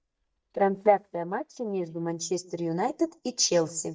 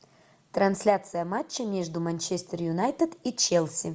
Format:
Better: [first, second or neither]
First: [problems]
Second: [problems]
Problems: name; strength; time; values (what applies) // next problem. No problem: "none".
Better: second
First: noise reduction (neural mask model DeepFilterNet 3)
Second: none